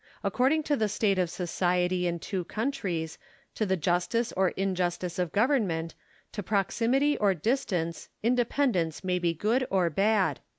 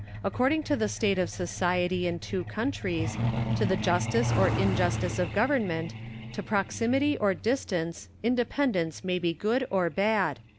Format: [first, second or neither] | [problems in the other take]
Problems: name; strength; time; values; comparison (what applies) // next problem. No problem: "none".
first | background sound (Truck); 6 dB below the speech